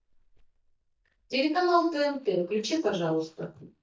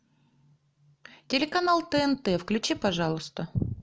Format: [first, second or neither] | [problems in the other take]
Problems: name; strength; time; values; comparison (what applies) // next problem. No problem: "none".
second | noise reduction (neural mask model DeepFilterNet 3)